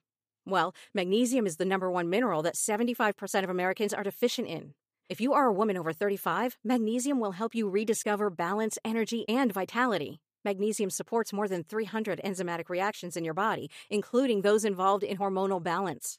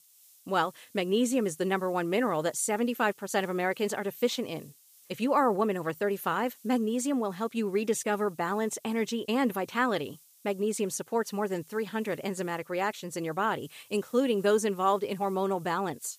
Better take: first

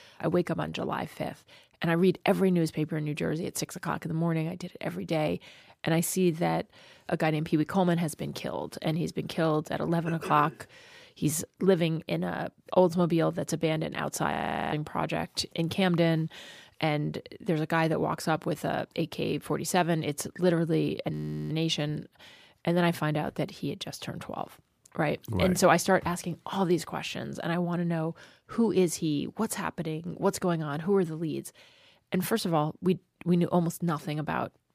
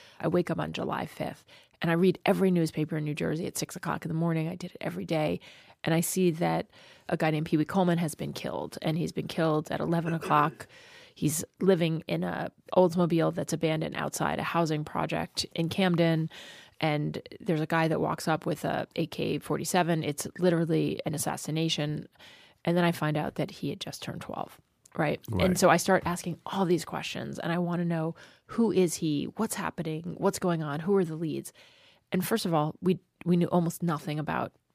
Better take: second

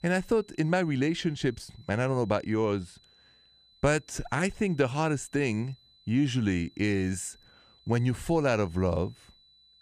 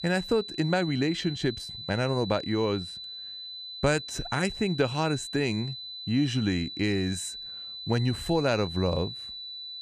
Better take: first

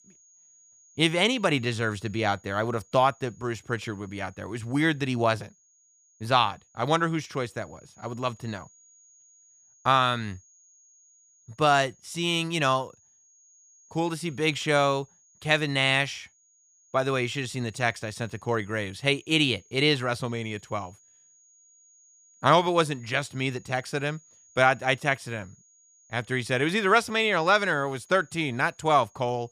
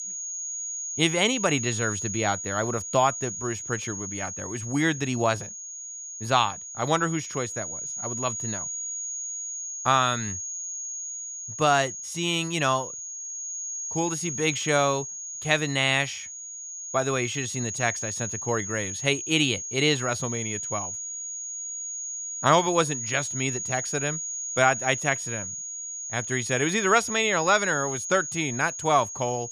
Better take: first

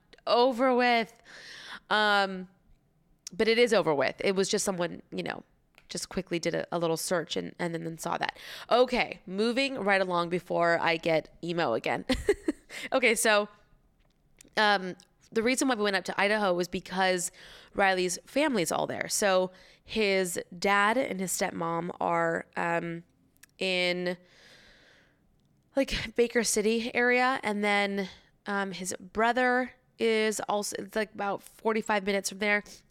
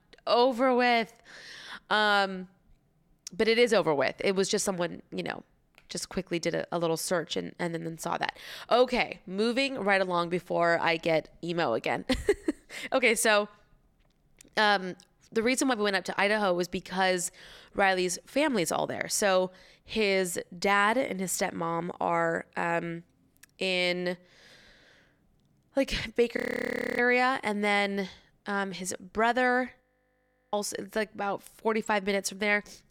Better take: first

